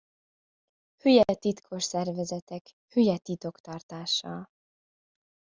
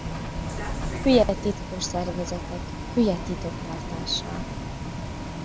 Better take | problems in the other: first | background sound (Bus); 4 dB below the speech

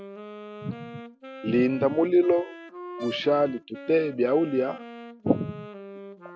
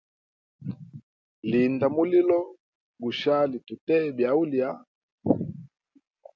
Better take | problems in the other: second | background sound (Brass instrument + Wind instrument, woodwind instrument); 15 dB below the speech

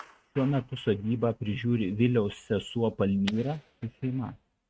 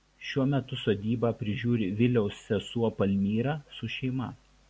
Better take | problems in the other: second | noise reduction (neural mask model RNNoise)

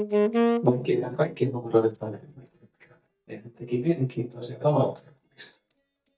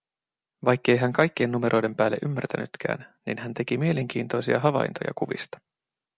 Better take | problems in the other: second | noise reduction (neural mask model DeepFilterNet 3)

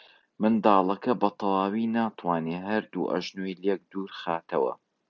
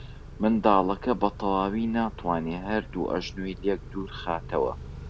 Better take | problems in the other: first | background sound (Idling / Accelerating, revving, vroom / Car); 13 dB below the speech

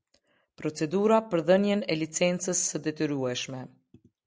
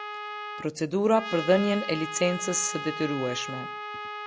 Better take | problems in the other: first | background sound (Trumpet); 8 dB below the speech

